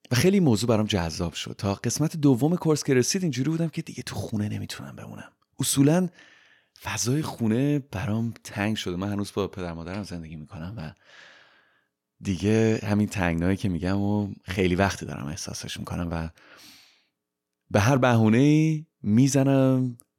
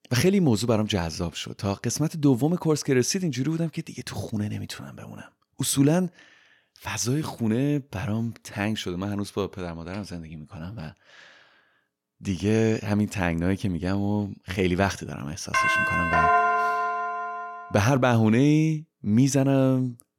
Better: first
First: none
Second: doorbell; loud; from 16 to 18 s; peak 5 dB above the speech

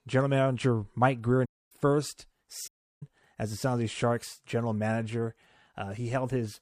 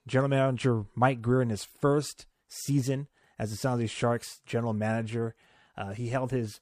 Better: second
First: audio cutting out; at 1.5 s and at 2.5 s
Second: none

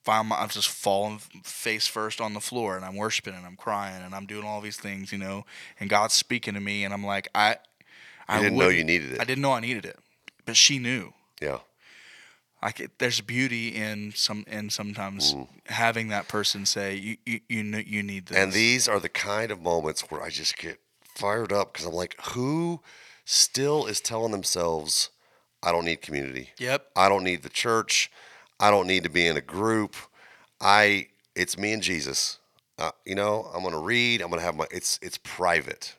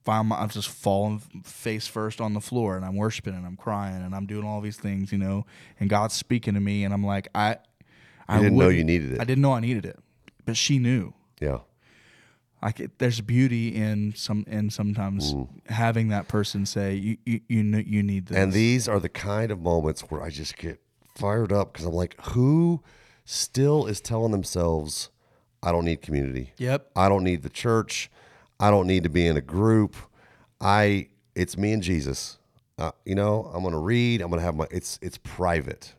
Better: second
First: thin; somewhat; fading below 1 kHz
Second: none

